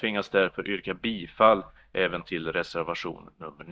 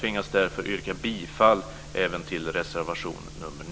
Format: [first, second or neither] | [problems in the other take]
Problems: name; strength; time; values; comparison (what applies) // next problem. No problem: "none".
second | noise reduction (neural mask model DeepFilterNet 3)